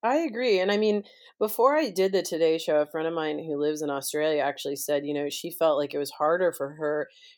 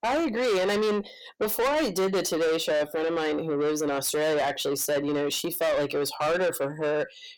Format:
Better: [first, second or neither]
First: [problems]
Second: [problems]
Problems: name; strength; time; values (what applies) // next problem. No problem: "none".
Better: first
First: none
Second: distortion; heavy; 7 dB below the speech